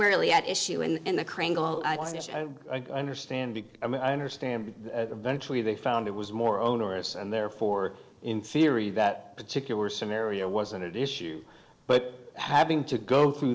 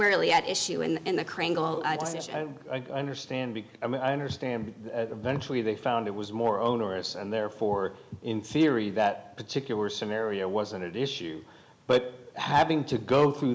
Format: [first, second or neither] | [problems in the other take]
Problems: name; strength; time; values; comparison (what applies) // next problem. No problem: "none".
second | noise reduction (neural separator model SepFormer DNS4)